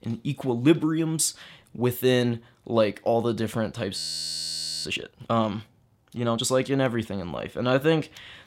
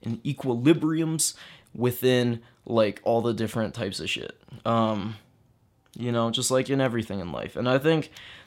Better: second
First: audio freezing; at 4 s for 1 s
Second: none

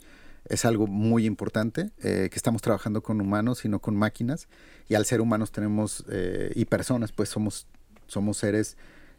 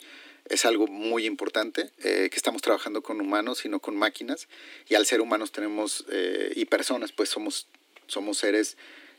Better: first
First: none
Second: thin; somewhat; fading below 300 Hz

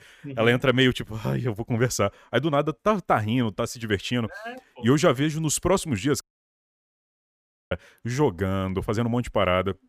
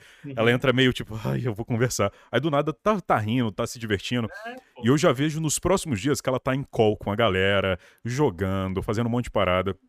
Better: second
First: audio cutting out; at 6 s for 1.5 s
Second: none

